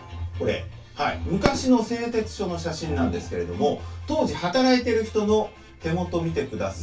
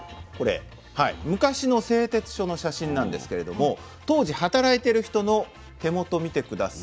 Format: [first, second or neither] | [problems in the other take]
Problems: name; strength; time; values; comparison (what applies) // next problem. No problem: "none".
second | background sound (Fireworks); 9 dB below the speech // room echo; dies away in 0.1 s